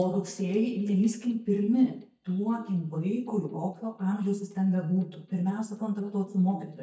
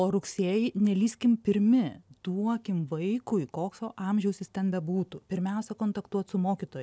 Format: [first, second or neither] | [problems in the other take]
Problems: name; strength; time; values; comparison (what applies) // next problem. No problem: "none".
second | noise reduction (neural mask model DeepFilterNet 3)